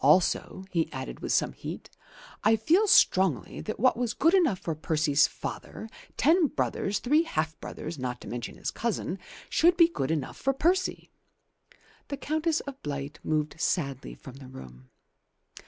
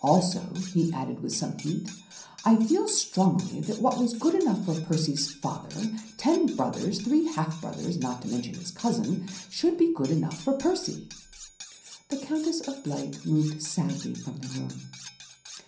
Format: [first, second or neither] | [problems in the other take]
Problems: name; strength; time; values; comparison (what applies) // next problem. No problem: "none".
first | background sound (Cutlery, silverware); 19 dB below the speech // room echo; dies away in 0.6 s